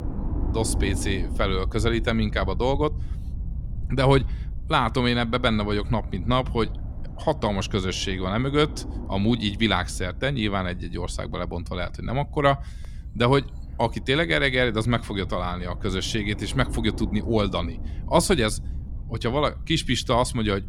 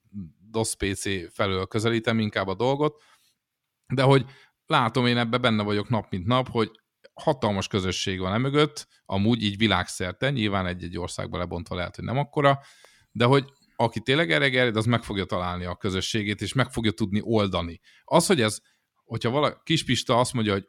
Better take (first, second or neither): second